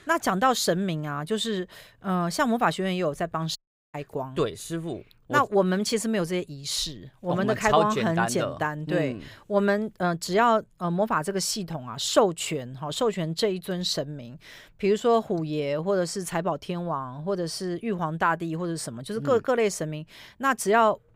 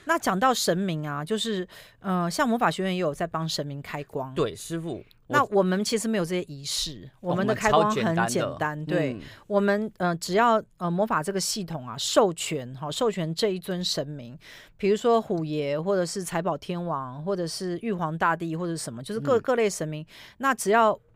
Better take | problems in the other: second | audio cutting out; at 3.5 s

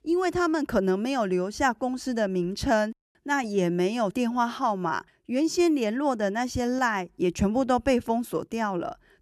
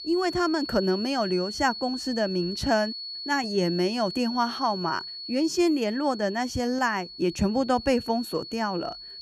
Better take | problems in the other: first | high-pitched whine; loud; throughout; 4.5 kHz, 9 dB below the speech

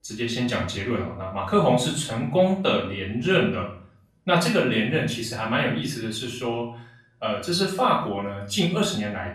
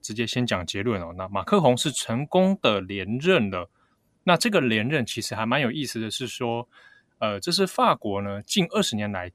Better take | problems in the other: second | room echo; slight; dies away in 0.5 s // off-mic speech; far

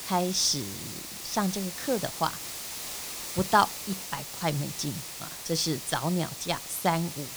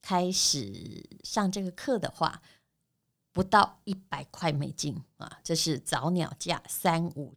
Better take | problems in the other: second | hiss; loud; throughout; 7 dB below the speech

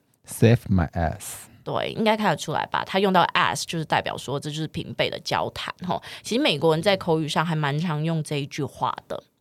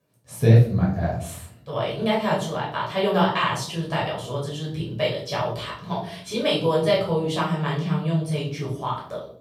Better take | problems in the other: first | off-mic speech; far // room echo; noticeable; dies away in 0.5 s

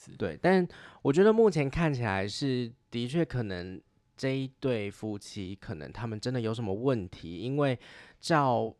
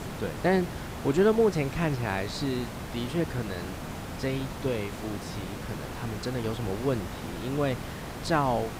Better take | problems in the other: first | hiss; loud; throughout; 8 dB below the speech

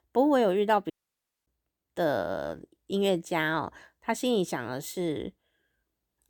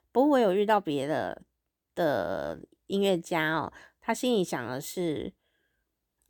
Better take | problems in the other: second | audio cutting out; at 1 s for 0.5 s

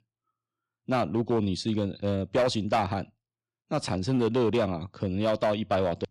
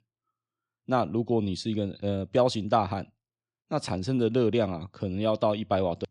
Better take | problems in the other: second | distortion; slight; 5% of the sound clipped

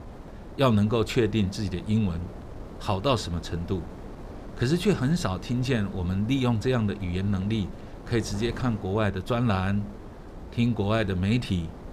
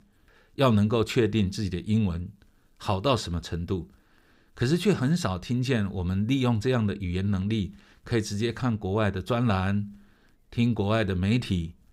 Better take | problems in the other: second | wind noise on the microphone; occasional gusts; 15 dB below the speech

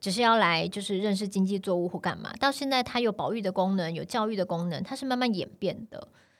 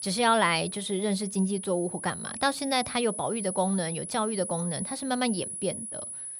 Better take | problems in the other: first | high-pitched whine; loud; throughout; 10 kHz, 7 dB below the speech

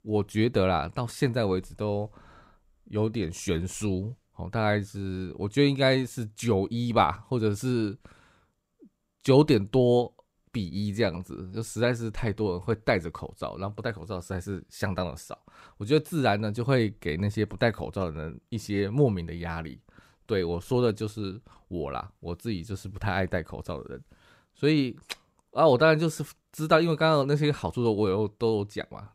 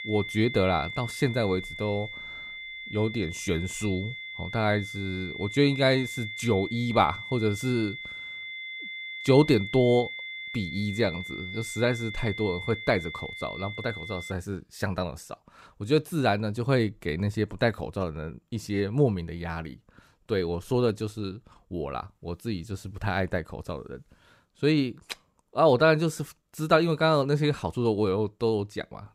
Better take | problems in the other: first | high-pitched whine; loud; until 14 s; 2 kHz, 9 dB below the speech

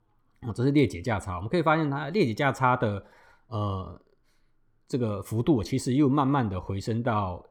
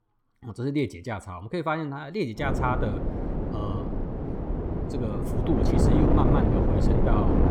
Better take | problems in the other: first | wind noise on the microphone; heavy; from 2.5 s on; as loud as the speech

